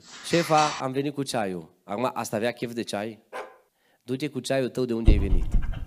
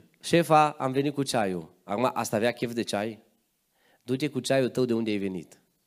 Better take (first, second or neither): second